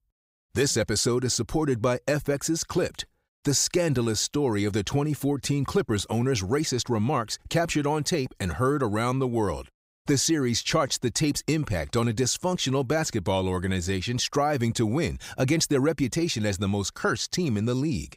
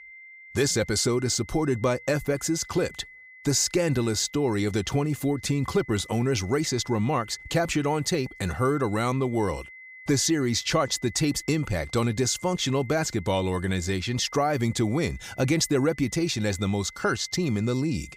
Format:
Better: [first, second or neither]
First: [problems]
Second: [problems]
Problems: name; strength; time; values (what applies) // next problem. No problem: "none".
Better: first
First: none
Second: high-pitched whine; noticeable; throughout; 2 kHz, 20 dB below the speech